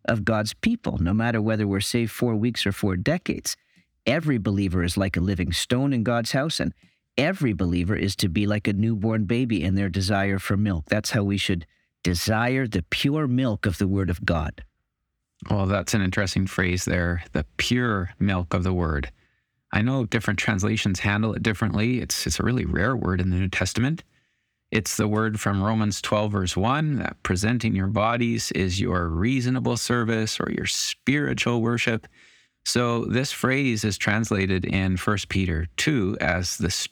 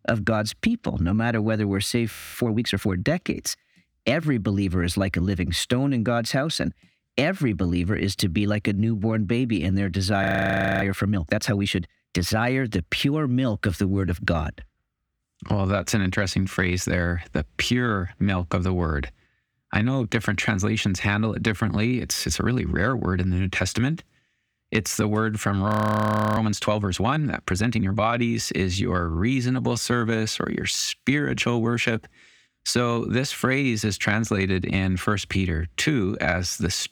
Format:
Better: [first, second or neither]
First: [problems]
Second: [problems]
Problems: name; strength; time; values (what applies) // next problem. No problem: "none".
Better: first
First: none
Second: audio freezing; at 2 s, at 10 s for 0.5 s and at 26 s for 0.5 s